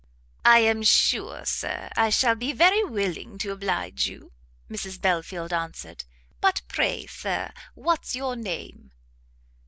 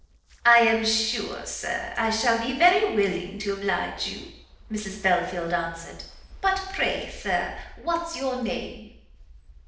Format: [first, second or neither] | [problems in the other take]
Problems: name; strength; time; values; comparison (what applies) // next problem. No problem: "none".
first | noise reduction (neural separator model SepFormer DNS4)